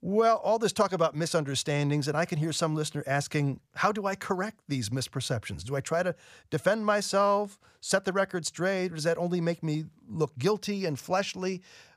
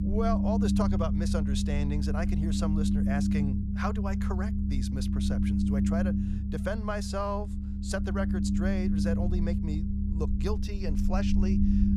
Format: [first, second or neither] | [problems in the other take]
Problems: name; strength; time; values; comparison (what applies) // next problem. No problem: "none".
first | low rumble; loud; throughout; 1 dB below the speech